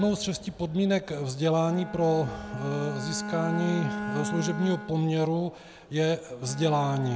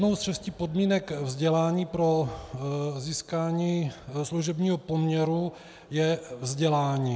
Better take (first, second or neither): second